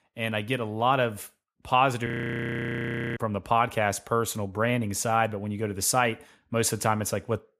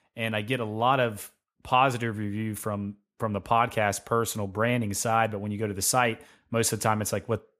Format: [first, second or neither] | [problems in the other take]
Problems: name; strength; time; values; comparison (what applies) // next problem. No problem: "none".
second | audio freezing; at 2 s for 1 s